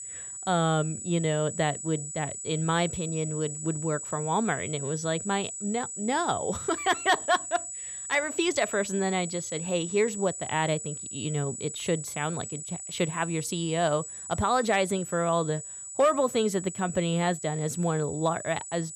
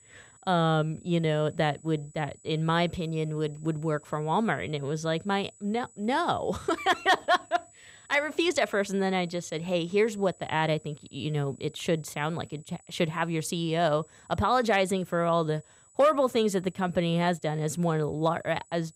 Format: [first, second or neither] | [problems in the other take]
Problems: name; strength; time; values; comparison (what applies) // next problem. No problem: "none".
second | high-pitched whine; loud; throughout; 8 kHz, 7 dB below the speech; faint in the second